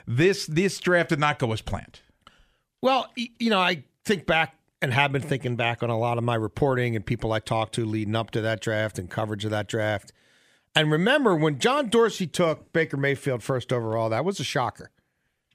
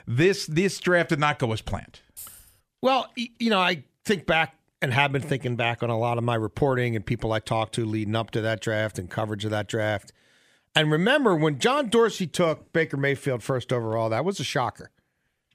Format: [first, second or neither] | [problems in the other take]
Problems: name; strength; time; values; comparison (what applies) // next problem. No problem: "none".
first | jangling keys; faint; at 2 s; peak 15 dB below the speech